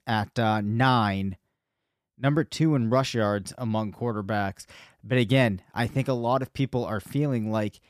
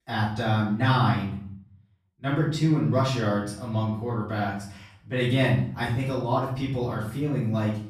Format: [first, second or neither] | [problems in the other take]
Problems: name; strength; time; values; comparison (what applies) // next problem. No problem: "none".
first | off-mic speech; far // room echo; noticeable; dies away in 0.5 s